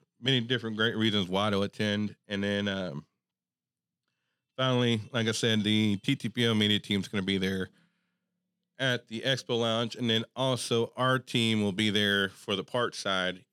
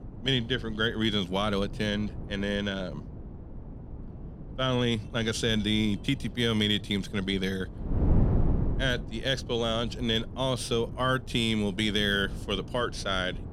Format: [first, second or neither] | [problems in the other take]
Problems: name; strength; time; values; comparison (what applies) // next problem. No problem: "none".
first | wind noise on the microphone; occasional gusts; 15 dB below the speech